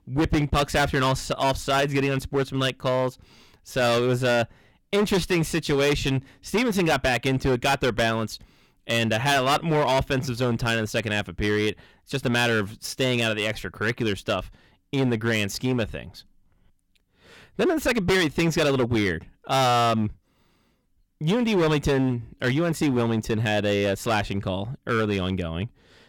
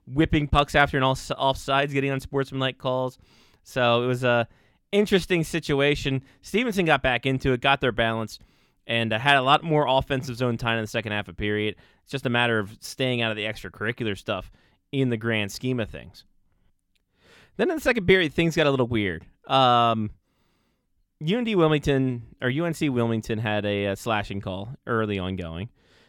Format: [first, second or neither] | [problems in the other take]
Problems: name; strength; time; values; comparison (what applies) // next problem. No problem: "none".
second | distortion; heavy; 11% of the sound clipped